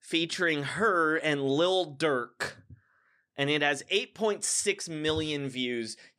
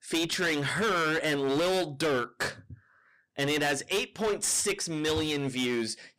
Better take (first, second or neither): first